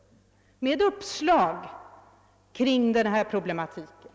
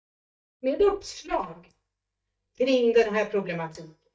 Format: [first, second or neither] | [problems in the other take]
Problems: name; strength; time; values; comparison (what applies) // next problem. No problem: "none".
first | noise reduction (neural mask model DeepFilterNet 3)